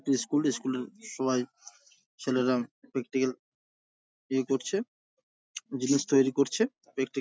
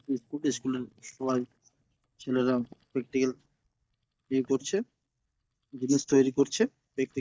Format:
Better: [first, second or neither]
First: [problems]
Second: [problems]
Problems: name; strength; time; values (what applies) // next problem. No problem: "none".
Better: first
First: none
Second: noise reduction (neural mask model DeepFilterNet 3)